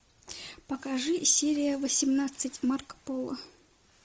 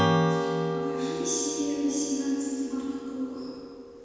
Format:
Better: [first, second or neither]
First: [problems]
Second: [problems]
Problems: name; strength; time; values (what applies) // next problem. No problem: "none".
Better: first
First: none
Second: background sound (Strum); 2 dB above the speech // room echo; dies away in 2.1 s